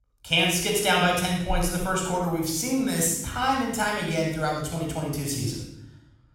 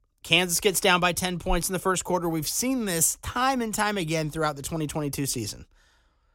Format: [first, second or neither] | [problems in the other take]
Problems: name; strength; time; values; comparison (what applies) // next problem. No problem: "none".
second | off-mic speech; somewhat distant // room echo; noticeable; dies away in 0.7 s